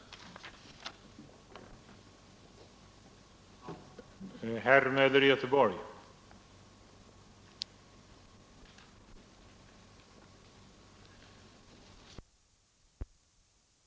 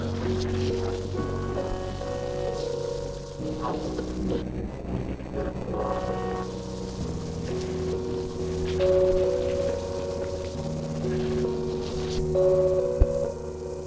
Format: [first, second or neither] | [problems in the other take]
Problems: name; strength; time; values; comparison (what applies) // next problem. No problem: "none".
first | noise reduction (neural separator model SepFormer DNS4)